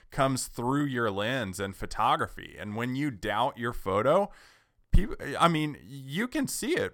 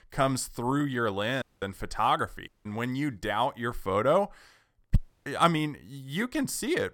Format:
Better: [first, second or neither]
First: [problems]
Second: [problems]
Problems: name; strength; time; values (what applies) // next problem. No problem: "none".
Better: first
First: none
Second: audio cutting out; at 1.5 s, at 2.5 s and at 5 s